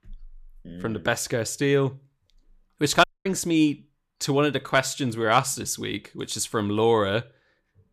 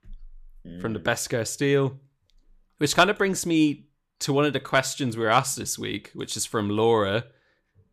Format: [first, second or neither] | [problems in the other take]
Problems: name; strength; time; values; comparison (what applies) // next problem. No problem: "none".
second | audio cutting out; at 3 s